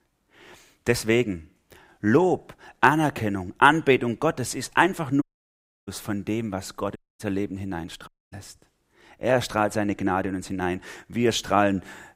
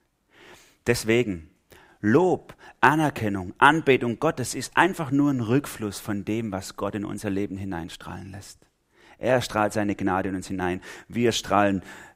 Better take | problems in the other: second | audio cutting out; at 5 s for 0.5 s, at 7 s and at 8 s

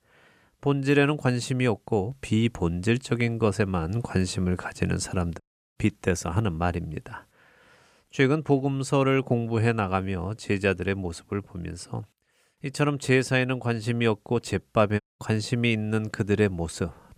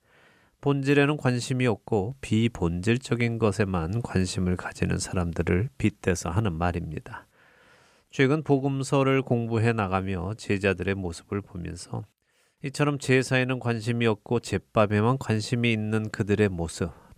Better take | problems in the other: second | audio cutting out; at 5.5 s and at 15 s

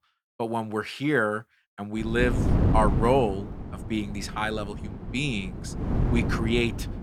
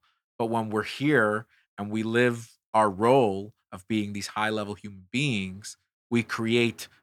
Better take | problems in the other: second | wind noise on the microphone; heavy; from 2 s on; 9 dB below the speech

